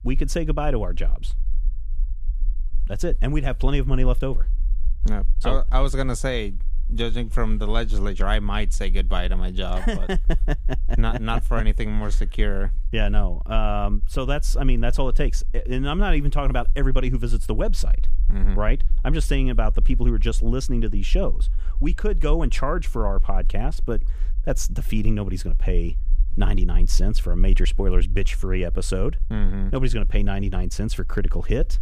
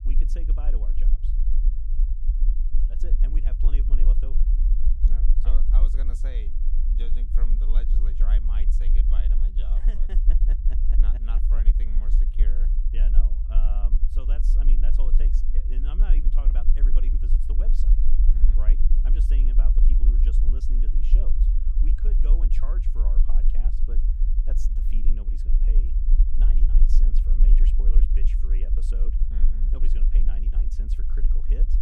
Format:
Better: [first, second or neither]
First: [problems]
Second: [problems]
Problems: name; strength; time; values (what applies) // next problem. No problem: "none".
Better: first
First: low rumble; faint; throughout; 25 dB below the speech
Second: low rumble; loud; throughout; 1 dB below the speech